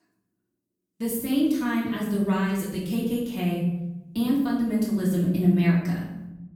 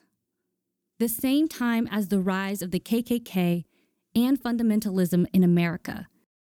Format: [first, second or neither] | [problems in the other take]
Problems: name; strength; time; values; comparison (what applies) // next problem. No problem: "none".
second | off-mic speech; far // room echo; noticeable; dies away in 1.1 s